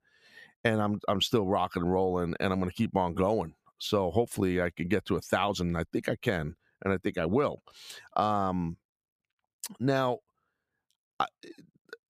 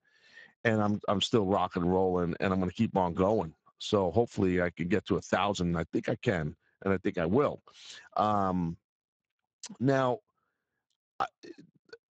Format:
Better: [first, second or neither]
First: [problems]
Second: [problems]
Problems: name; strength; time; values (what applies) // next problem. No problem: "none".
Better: first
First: none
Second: garbled, watery; badly; nothing above 7.5 kHz